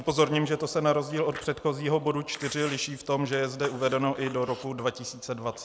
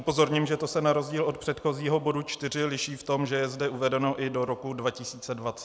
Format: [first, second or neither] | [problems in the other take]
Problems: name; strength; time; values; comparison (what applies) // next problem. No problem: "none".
second | background sound (Chewing, mastication); 19 dB below the speech